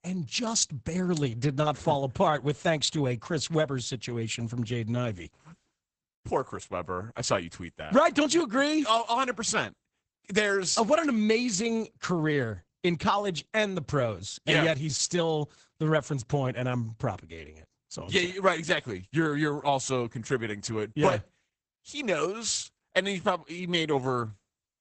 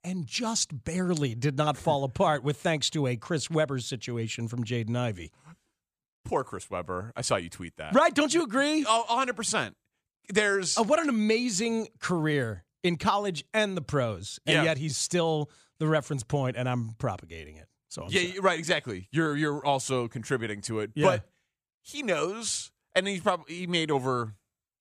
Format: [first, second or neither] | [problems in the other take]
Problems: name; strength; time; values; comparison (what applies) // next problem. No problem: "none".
second | garbled, watery; badly; nothing above 8 kHz